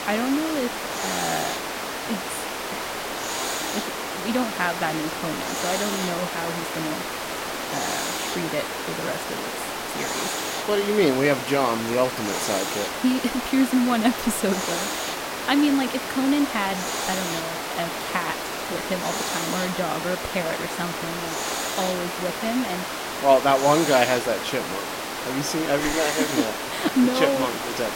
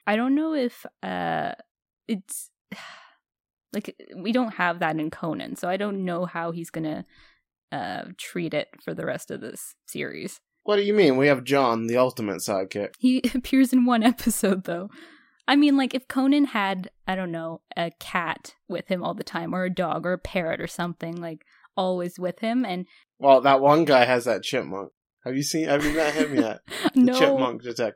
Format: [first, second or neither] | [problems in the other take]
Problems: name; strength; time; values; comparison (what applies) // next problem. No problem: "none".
second | hiss; loud; throughout; 3 dB below the speech